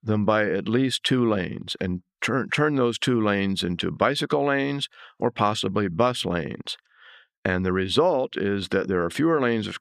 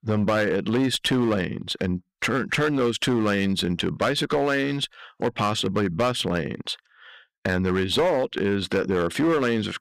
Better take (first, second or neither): first